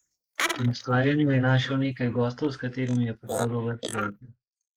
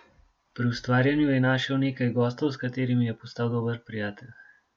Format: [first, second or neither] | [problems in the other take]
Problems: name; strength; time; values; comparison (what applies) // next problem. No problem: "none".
second | noise reduction (neural mask model Resemble Enhance denoiser)